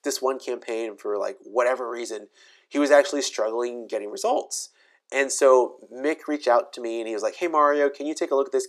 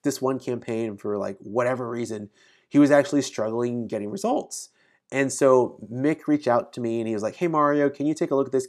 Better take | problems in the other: second | thin; somewhat; fading below 400 Hz

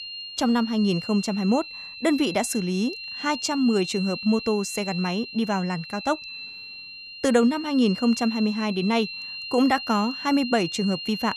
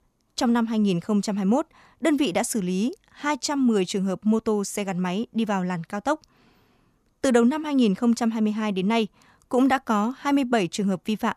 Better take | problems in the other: second | high-pitched whine; loud; throughout; 4 kHz, 9 dB below the speech

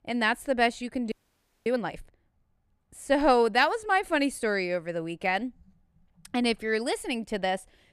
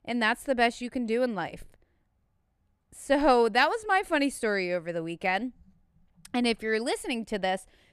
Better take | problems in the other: second | audio freezing; at 1 s for 0.5 s

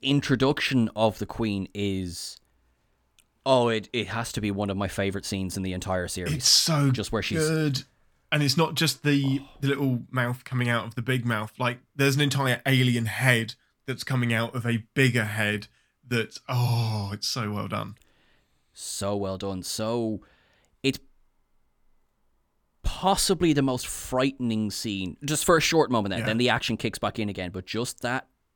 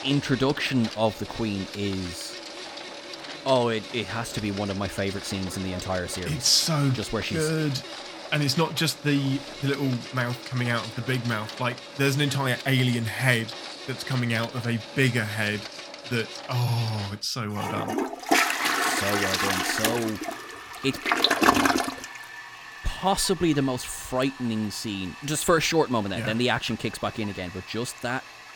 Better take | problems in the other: first | household noises; loud; throughout; 4 dB below the speech

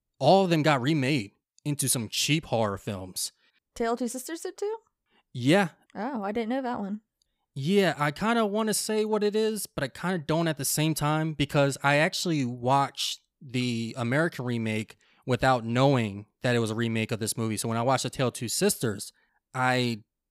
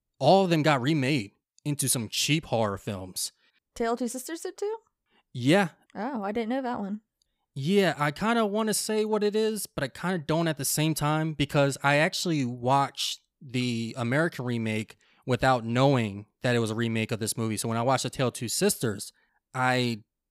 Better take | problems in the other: neither | none

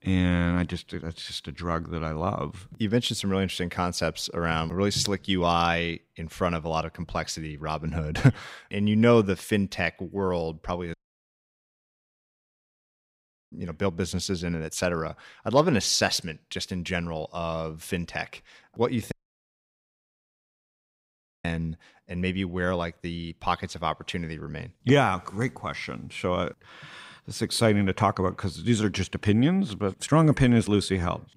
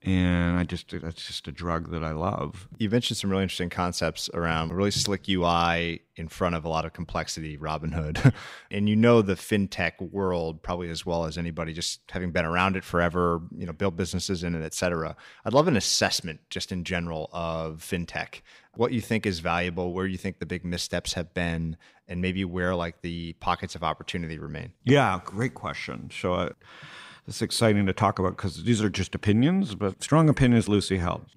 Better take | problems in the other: second | audio cutting out; at 11 s for 2.5 s and at 19 s for 2.5 s

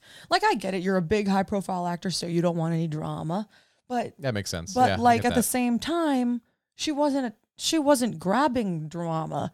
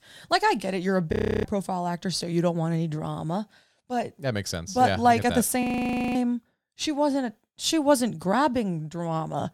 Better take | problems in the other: first | audio freezing; at 1 s and at 5.5 s for 0.5 s

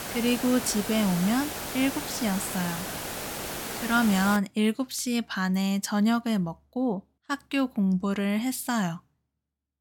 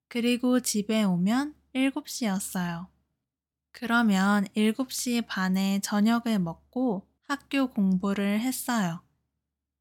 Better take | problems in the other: second | hiss; loud; until 4.5 s; 6 dB below the speech

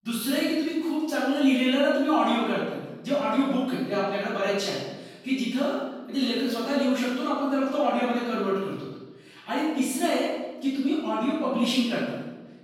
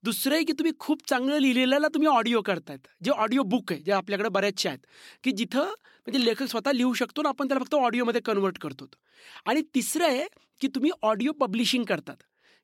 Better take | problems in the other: second | off-mic speech; far // room echo; strong; dies away in 1 s

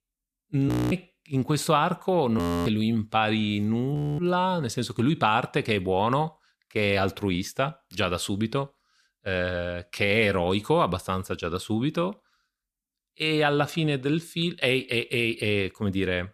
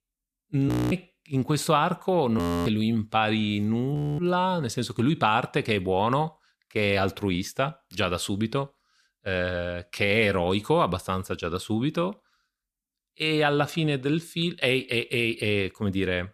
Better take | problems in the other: neither | audio freezing; at 0.5 s, at 2.5 s and at 4 s; the same in both

